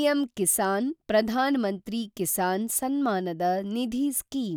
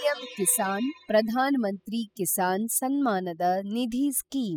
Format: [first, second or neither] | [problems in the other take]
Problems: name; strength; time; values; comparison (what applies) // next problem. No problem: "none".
first | noise reduction (classical method spectral subtraction)